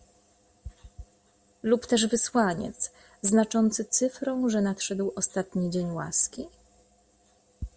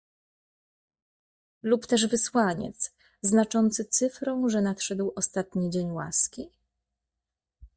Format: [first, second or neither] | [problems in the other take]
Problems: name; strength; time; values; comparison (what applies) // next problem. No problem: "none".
first | noise reduction (neural mask model DeepFilterNet 3)